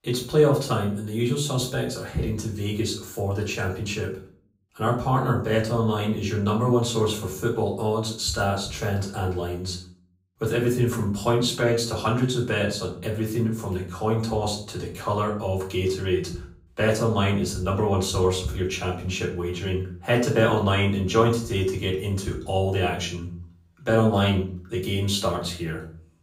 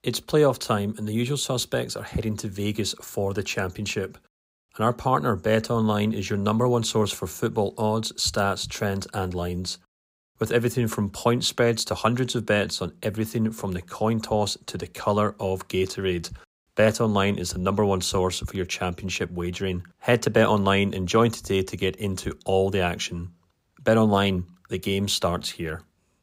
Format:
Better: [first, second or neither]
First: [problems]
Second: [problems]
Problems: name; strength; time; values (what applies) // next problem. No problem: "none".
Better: second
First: room echo; slight; dies away in 0.4 s // off-mic speech; far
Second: none